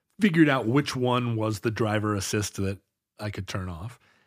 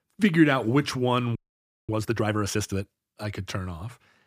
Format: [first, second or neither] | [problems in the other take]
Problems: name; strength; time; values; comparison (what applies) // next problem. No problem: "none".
first | audio freezing; at 1.5 s for 0.5 s